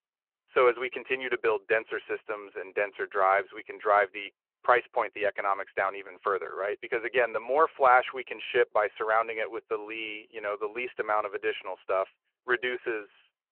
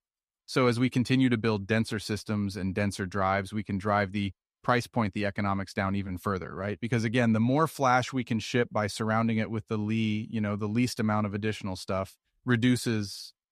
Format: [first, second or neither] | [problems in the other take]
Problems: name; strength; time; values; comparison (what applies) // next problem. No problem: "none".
second | phone-call audio